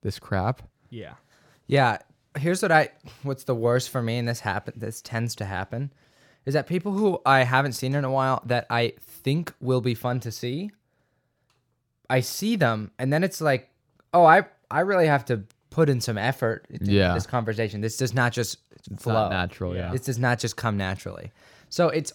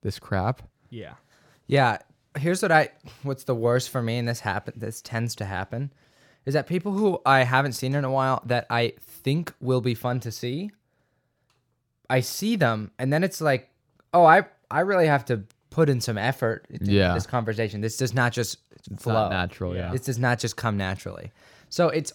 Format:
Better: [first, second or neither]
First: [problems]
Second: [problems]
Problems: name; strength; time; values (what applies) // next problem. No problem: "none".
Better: neither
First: none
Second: none